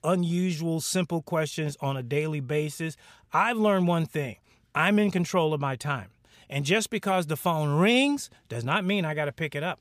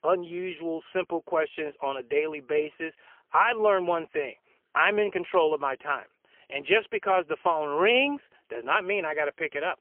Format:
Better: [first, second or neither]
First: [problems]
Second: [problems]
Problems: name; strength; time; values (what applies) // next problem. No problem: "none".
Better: first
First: none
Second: phone-call audio; poor line; nothing above 3 kHz